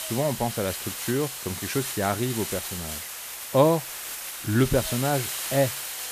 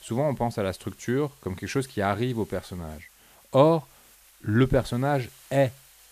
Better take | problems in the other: second | hiss; loud; throughout; 5 dB below the speech; faint in the second

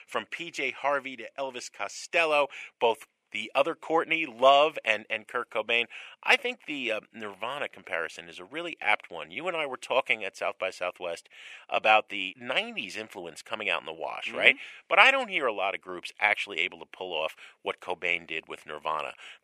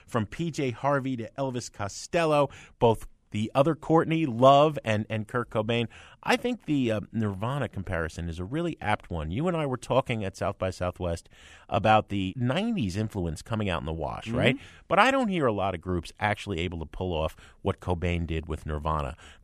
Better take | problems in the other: second | thin; very; fading below 550 Hz

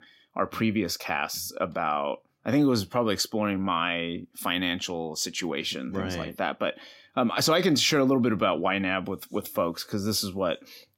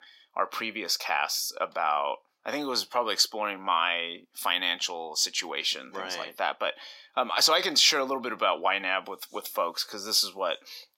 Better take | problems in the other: first | thin; very; fading below 600 Hz

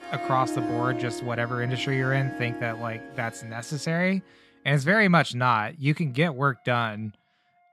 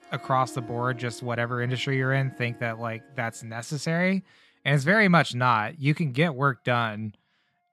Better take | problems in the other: second | background music; loud; throughout; 9 dB below the speech; faint in the second

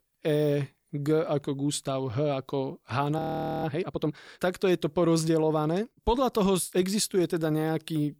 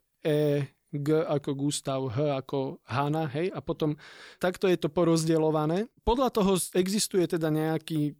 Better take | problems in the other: second | audio freezing; at 3 s

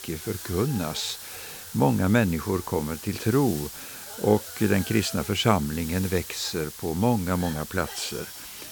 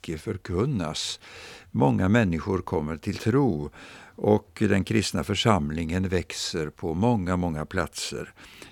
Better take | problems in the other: second | hiss; noticeable; throughout; 10 dB below the speech

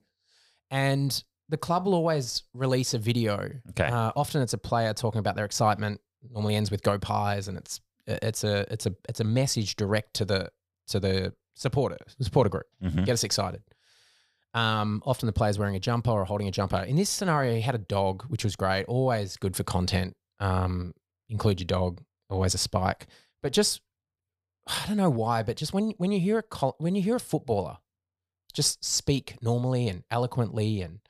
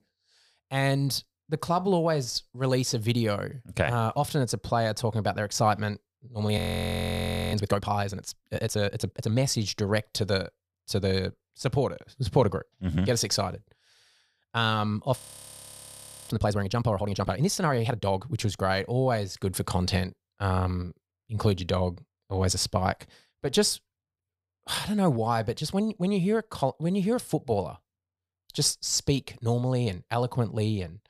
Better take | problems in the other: first | audio freezing; at 6.5 s for 1 s and at 15 s for 1 s

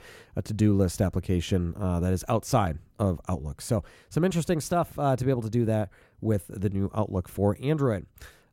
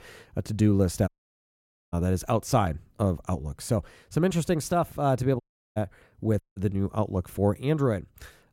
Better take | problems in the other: first | audio cutting out; at 1 s for 1 s, at 5.5 s and at 6.5 s

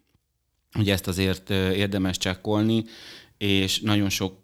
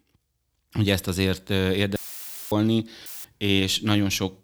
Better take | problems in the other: first | audio cutting out; filled with static; at 2 s for 0.5 s and at 3 s

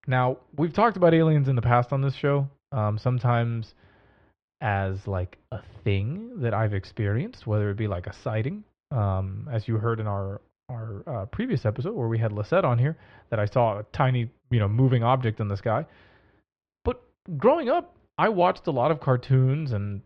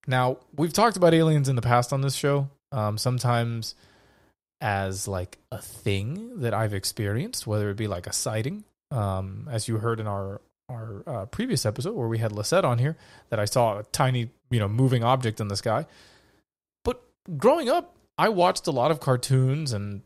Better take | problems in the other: second | muffled; very; fading above 3 kHz

